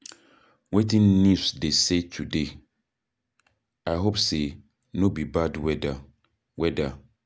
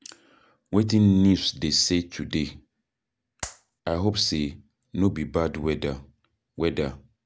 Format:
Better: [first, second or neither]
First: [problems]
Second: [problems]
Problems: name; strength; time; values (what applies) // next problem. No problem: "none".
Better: first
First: none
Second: noise reduction (neural separator model SepFormer DNS4)